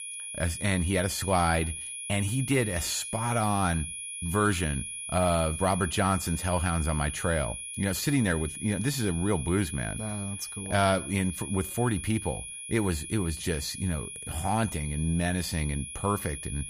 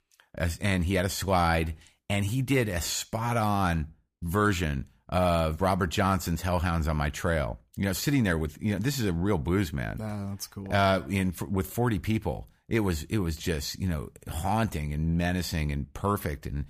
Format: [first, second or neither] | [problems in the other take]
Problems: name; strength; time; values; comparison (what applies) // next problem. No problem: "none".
second | high-pitched whine; loud; throughout; 10.5 kHz, 7 dB below the speech